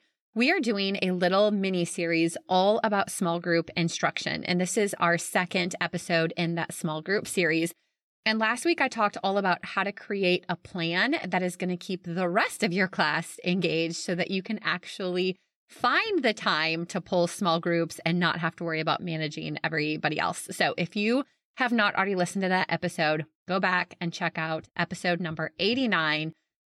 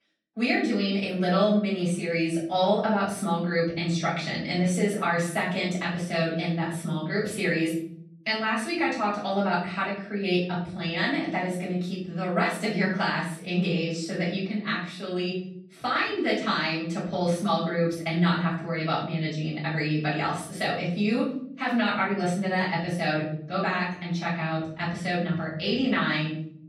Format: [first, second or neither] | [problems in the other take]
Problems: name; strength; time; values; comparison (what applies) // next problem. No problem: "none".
first | off-mic speech; far // room echo; noticeable; dies away in 0.8 s